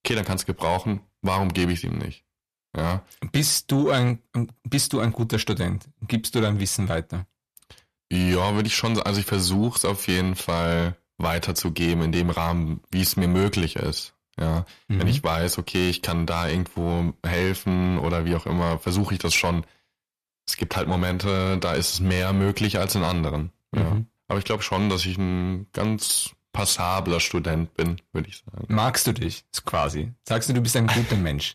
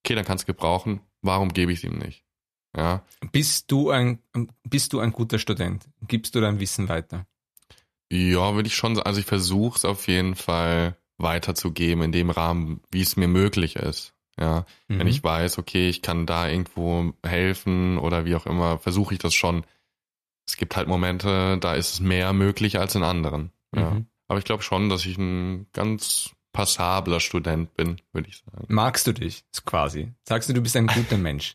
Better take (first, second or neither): second